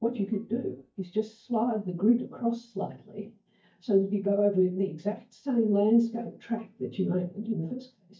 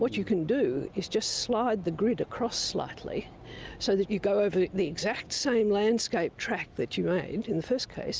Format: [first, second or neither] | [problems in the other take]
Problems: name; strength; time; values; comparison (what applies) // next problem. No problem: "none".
second | noise reduction (neural mask model DeepFilterNet 3)